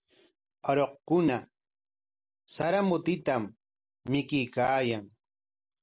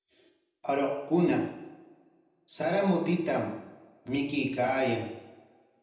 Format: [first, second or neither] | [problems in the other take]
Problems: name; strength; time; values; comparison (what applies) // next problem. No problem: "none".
first | room echo; dies away in 0.8 s